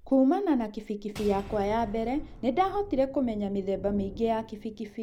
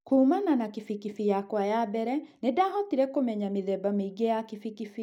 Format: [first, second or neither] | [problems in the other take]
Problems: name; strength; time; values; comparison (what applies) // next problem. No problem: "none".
second | background sound (Shatter / Boom + Thunder); 15 dB below the speech